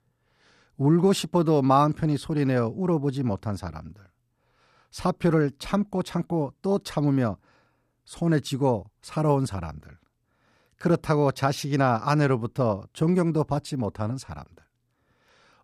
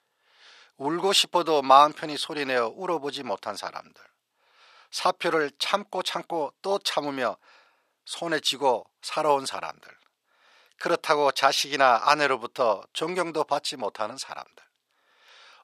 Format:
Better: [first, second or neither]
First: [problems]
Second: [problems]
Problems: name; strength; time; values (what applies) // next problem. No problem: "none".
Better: first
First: none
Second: thin; very; fading below 700 Hz